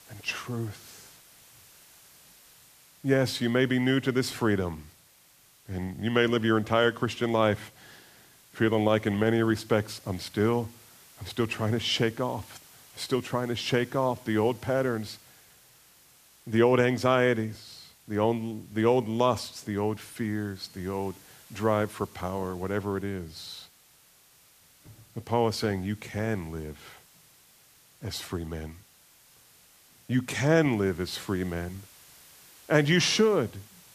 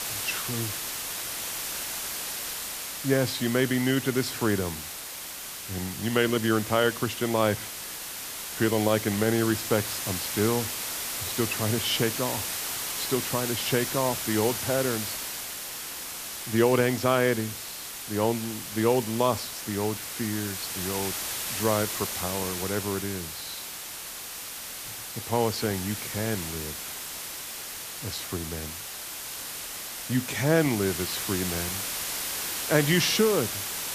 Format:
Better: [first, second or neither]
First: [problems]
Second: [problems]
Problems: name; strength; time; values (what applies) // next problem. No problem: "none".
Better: first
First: hiss; faint; throughout; 25 dB below the speech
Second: hiss; loud; throughout; 4 dB below the speech